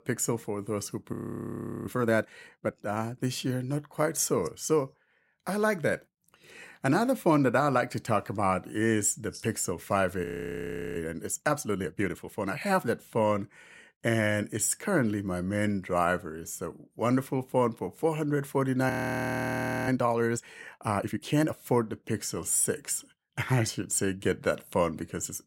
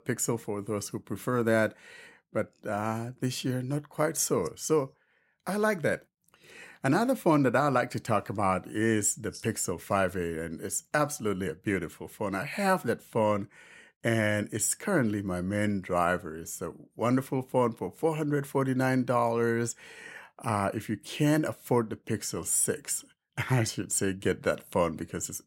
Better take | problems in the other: second | audio freezing; at 1 s for 0.5 s, at 10 s for 0.5 s and at 19 s for 1 s

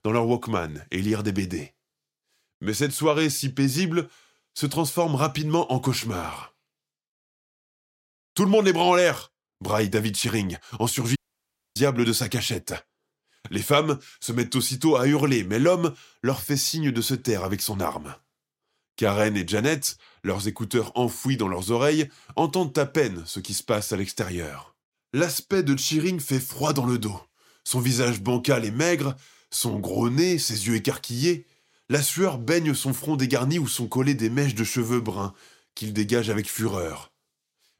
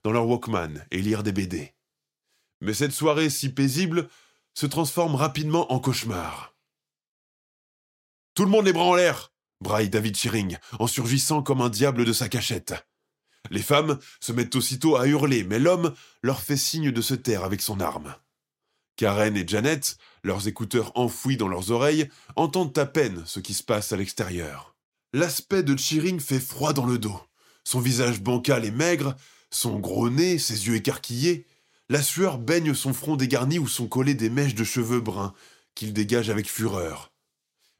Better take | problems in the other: second | audio cutting out; at 11 s for 0.5 s

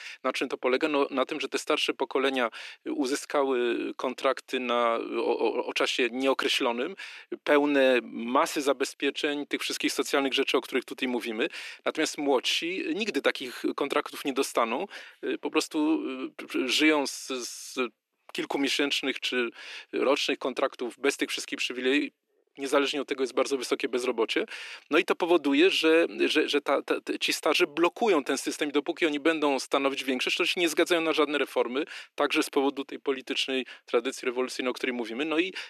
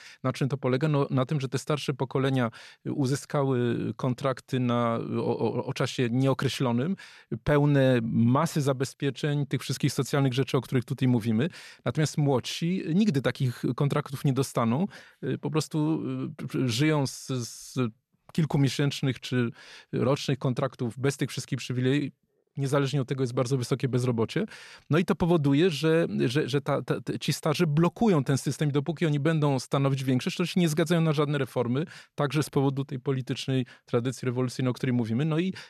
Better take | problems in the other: second | thin; somewhat; fading below 300 Hz

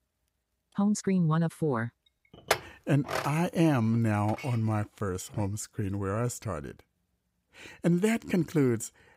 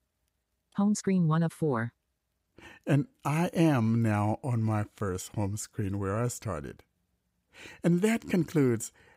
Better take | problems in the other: second | clattering dishes; noticeable; at 2.5 s; peak 1 dB below the speech

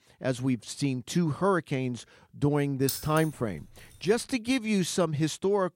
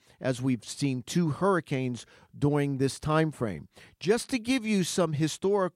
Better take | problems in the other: second | jangling keys; noticeable; at 3 s; peak 6 dB below the speech

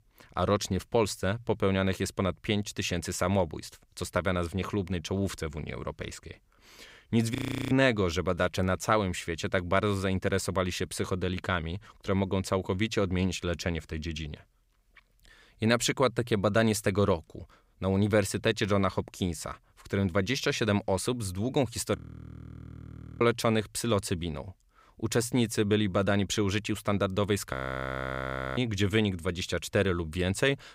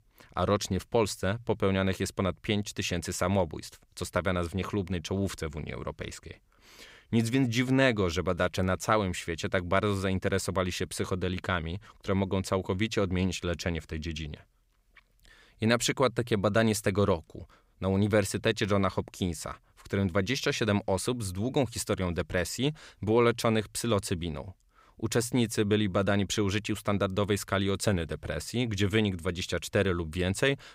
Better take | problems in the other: second | audio freezing; at 7.5 s, at 22 s for 1 s and at 28 s for 1 s

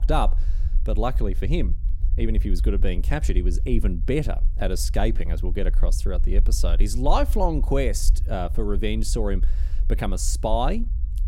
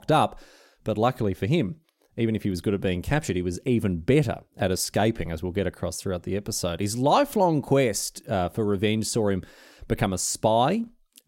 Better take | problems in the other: second | low rumble; noticeable; throughout; 20 dB below the speech

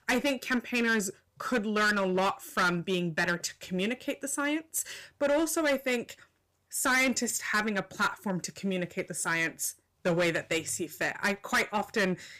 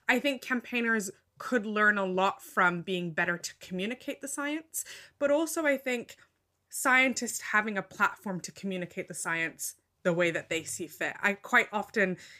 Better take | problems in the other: second | distortion; heavy; 8% of the sound clipped

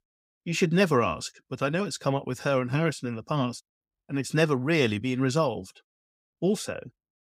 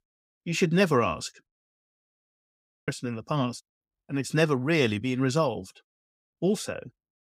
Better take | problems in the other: first | audio cutting out; at 1.5 s for 1.5 s

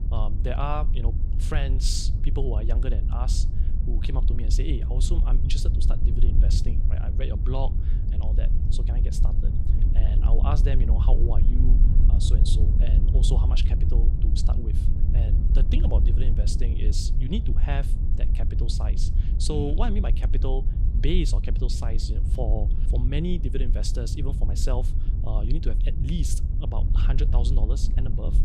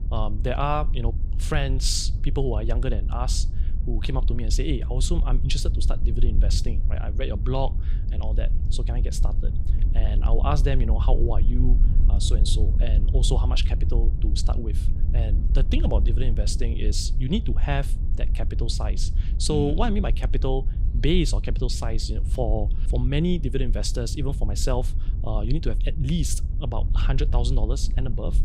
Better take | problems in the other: second | wind noise on the microphone; heavy; 6 dB below the speech; occasional gusts in the second

